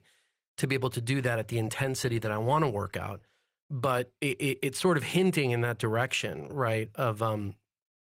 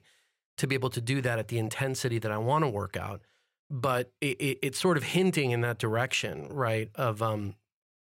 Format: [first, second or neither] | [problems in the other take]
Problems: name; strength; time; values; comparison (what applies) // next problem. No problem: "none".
second | garbled, watery; slightly; nothing above 16 kHz